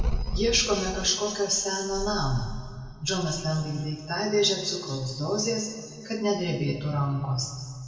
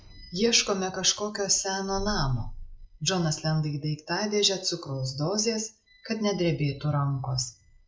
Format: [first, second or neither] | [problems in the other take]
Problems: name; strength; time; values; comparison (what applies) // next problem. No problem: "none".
second | room echo; dies away in 1.9 s